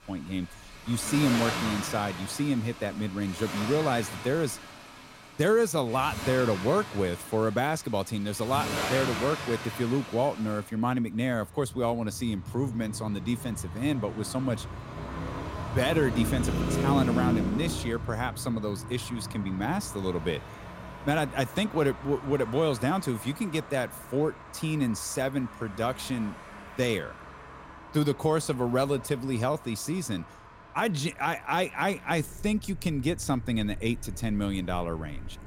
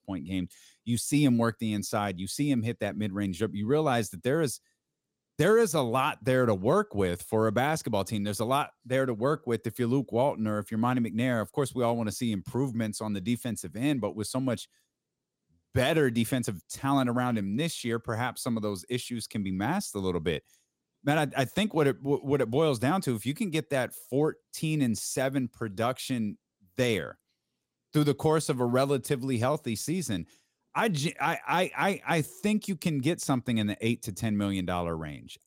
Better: second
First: traffic noise; loud; throughout; 8 dB below the speech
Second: none

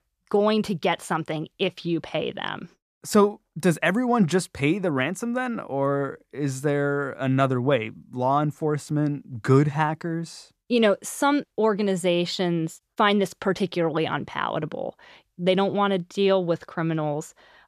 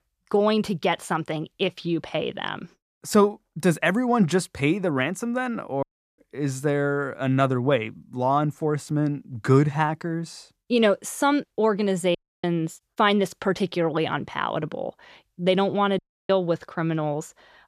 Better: first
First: none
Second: audio cutting out; at 6 s, at 12 s and at 16 s

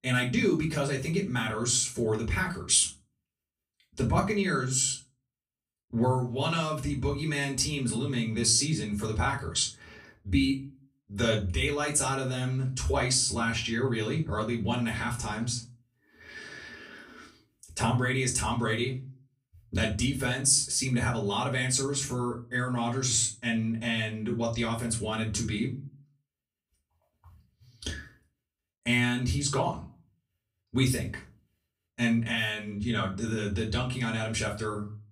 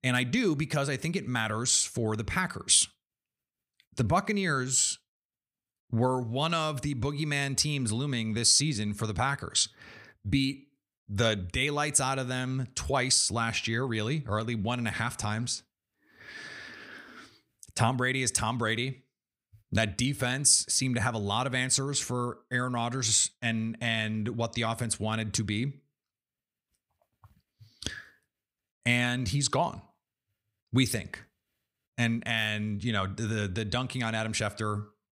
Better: second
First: off-mic speech; far // room echo; very slight; dies away in 0.3 s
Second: none

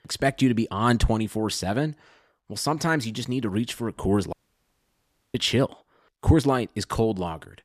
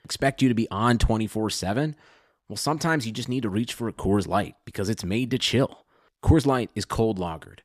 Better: second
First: audio cutting out; at 4.5 s for 1 s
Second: none

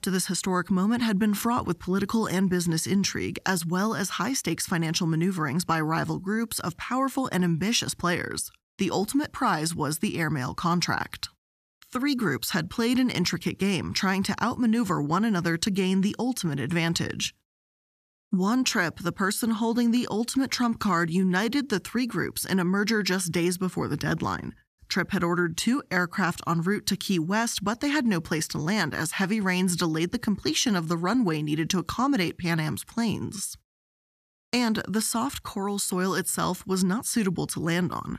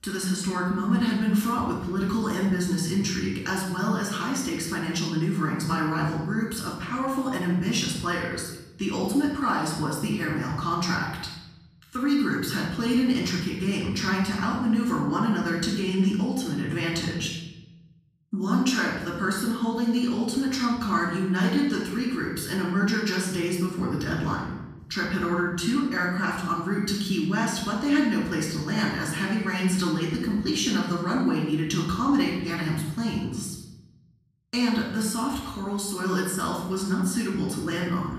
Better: first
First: none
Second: off-mic speech; far // room echo; noticeable; dies away in 0.9 s

